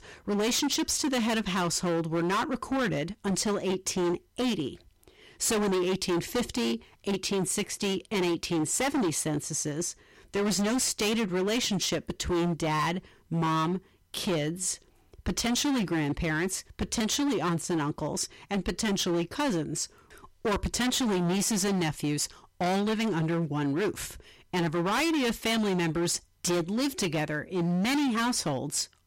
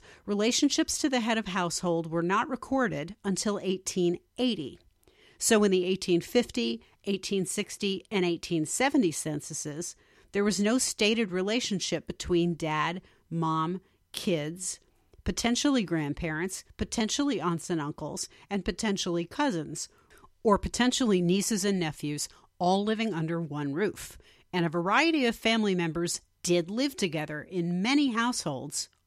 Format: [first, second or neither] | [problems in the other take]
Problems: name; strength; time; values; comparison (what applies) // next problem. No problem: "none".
second | distortion; heavy; 23% of the sound clipped